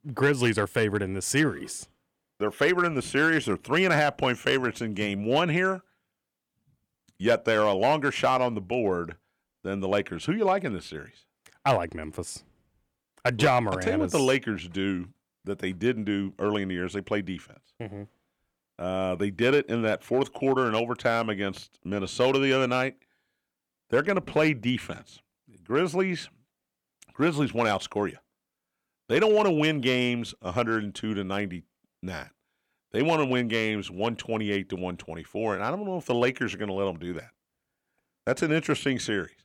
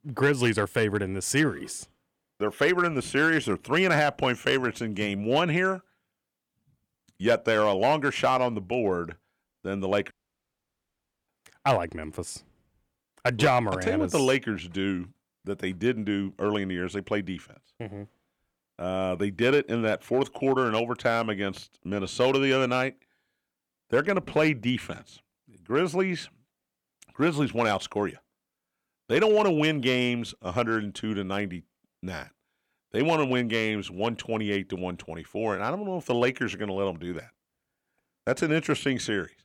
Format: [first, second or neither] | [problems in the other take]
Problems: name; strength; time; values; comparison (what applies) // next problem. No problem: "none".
first | audio cutting out; at 10 s for 1 s